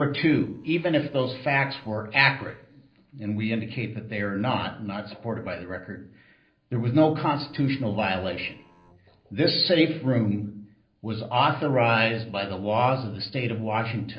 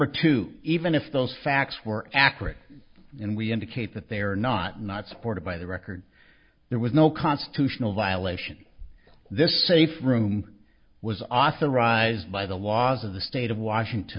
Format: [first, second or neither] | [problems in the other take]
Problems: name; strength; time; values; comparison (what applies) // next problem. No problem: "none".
second | noise reduction (neural separator model SepFormer DNS4)